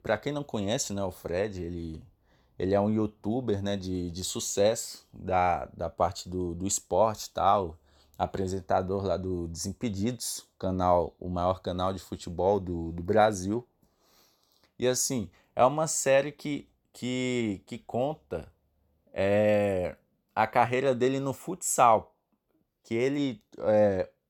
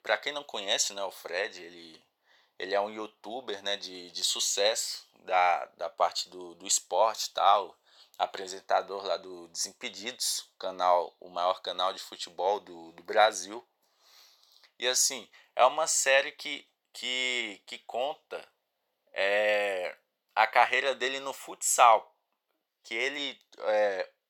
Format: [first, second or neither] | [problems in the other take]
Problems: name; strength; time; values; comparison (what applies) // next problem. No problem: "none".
first | thin; very; fading below 750 Hz